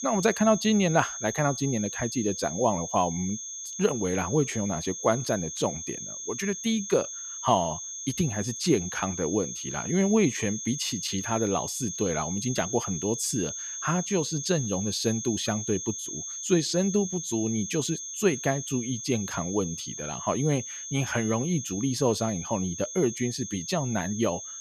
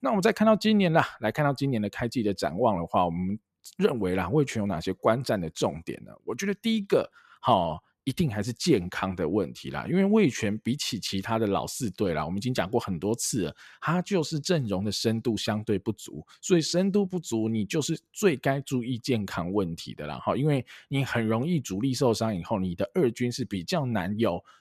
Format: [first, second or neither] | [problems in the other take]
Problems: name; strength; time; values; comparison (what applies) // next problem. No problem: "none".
second | high-pitched whine; loud; throughout; 6.5 kHz, 6 dB below the speech